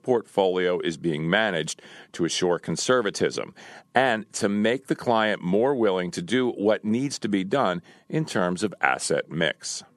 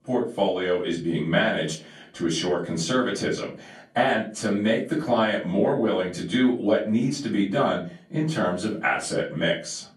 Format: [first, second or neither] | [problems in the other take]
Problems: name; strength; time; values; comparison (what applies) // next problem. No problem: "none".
first | off-mic speech; far // room echo; slight; dies away in 0.3 s